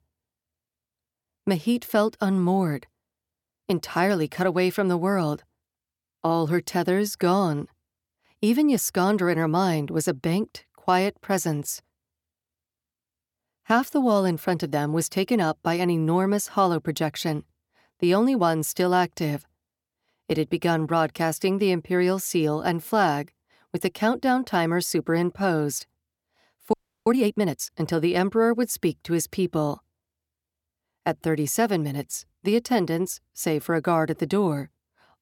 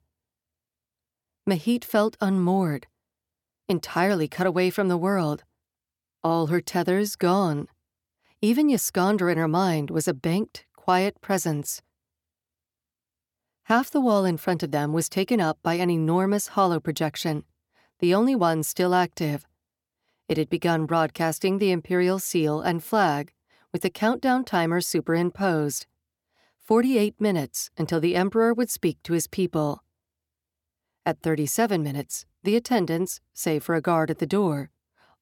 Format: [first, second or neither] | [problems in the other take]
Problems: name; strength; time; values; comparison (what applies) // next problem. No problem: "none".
second | audio freezing; at 27 s